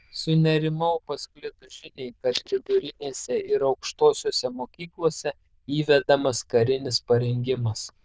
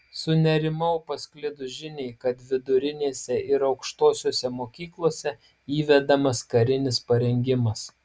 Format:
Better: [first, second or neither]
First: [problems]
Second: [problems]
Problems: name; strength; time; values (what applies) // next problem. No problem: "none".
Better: second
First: noise reduction (neural diffusion model UNIVERSE++)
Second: none